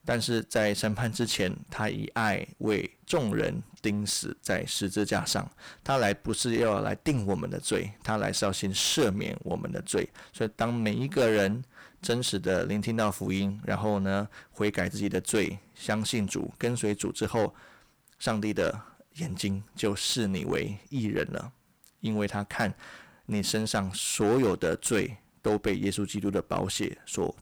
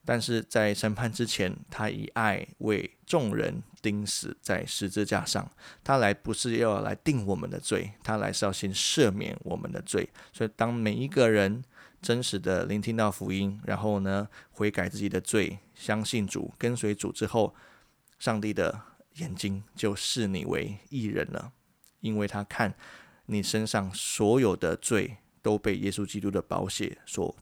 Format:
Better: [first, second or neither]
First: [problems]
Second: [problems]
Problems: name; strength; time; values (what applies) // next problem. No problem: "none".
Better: second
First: distortion; slight; 6% of the sound clipped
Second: none